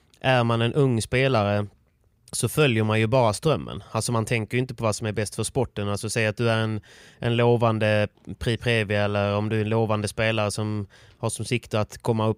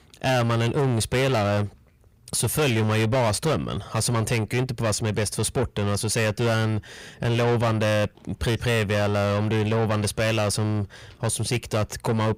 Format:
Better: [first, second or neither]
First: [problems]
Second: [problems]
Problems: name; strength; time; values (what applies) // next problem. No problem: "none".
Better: first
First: none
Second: distortion; heavy; 7 dB below the speech